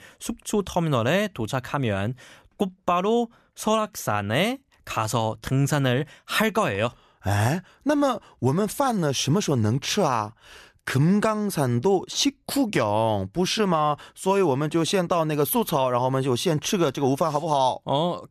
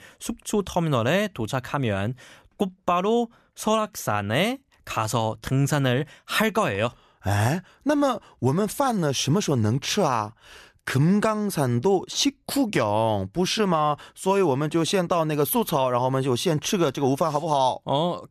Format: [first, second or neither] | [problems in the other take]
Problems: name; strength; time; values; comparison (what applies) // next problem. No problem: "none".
neither | none